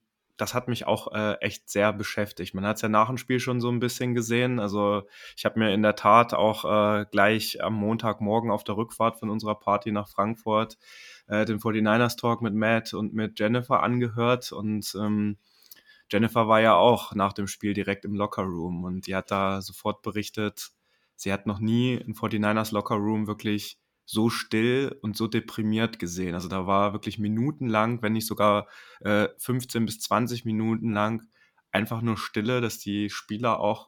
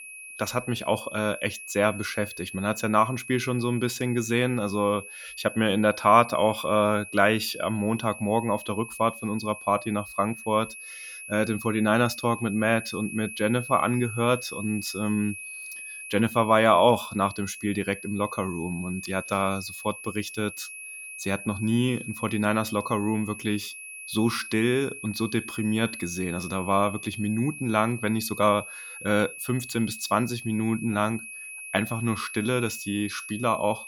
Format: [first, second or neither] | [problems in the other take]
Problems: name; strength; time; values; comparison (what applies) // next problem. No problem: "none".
first | high-pitched whine; noticeable; throughout; 2.5 kHz, 10 dB below the speech